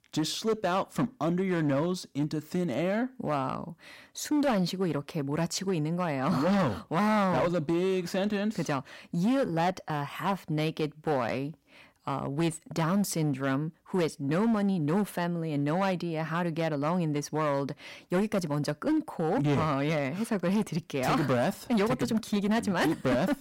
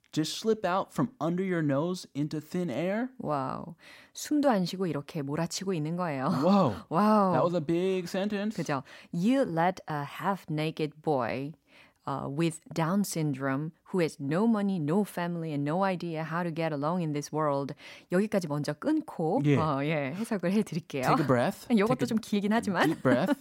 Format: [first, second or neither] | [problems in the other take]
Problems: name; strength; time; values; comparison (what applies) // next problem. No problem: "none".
second | distortion; slight; 10% of the sound clipped